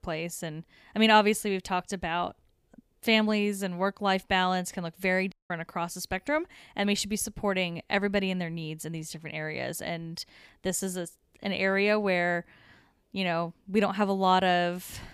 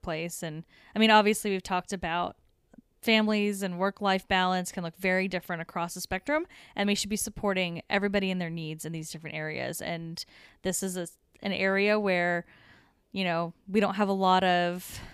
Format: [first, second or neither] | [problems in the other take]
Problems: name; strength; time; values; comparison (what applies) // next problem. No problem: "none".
second | audio cutting out; at 5.5 s